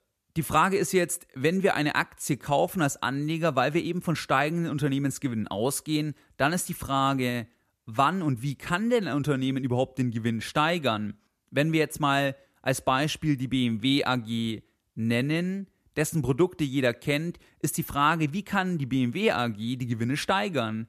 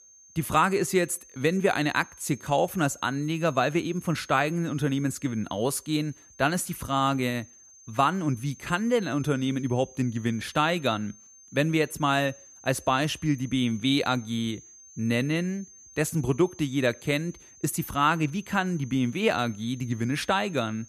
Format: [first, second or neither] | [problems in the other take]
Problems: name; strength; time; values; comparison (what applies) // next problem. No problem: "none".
first | high-pitched whine; faint; throughout; 6.5 kHz, 20 dB below the speech